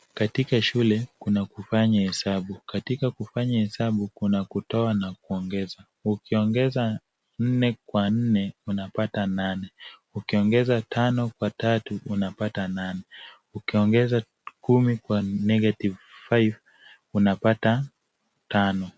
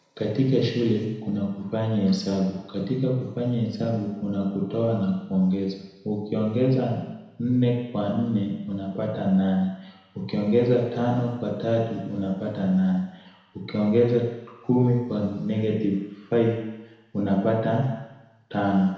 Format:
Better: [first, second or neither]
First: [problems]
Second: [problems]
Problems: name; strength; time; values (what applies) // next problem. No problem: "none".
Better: first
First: none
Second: room echo; dies away in 1 s